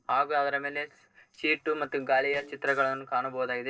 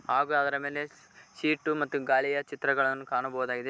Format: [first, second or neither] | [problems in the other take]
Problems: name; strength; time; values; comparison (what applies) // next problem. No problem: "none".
second | noise reduction (neural separator model SepFormer DNS4)